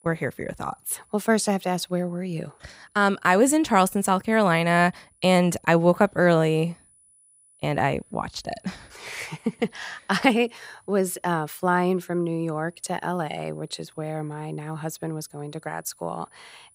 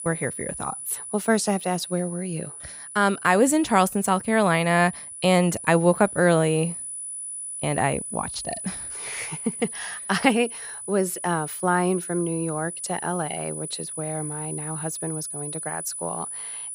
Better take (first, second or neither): first